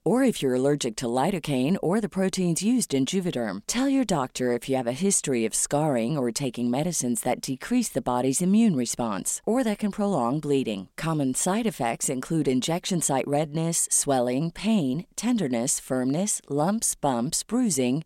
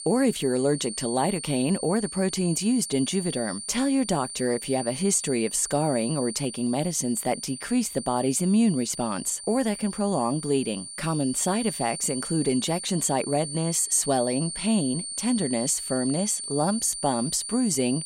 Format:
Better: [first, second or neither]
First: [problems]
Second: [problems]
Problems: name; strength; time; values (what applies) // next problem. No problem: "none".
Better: first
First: none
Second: high-pitched whine; loud; throughout; 9 kHz, 8 dB below the speech